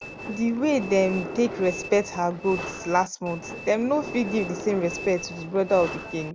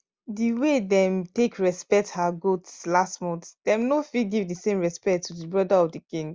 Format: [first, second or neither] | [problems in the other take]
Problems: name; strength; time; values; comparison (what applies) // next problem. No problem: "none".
second | background sound (Train); 10 dB below the speech